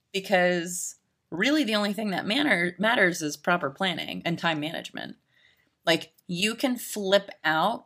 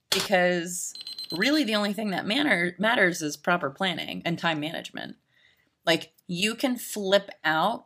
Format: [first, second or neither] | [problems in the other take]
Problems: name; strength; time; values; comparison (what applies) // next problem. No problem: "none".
first | keyboard typing; noticeable; at the start; peak 2 dB below the speech // alarm; noticeable; at 1 s; peak 7 dB below the speech